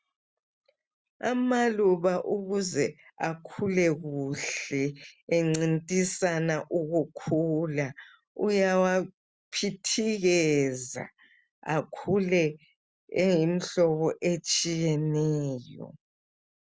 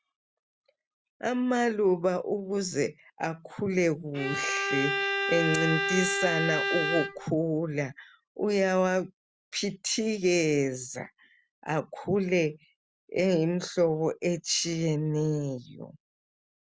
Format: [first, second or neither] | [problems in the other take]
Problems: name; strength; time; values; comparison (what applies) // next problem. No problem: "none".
first | background sound (Bowed string instrument); 1 dB below the speech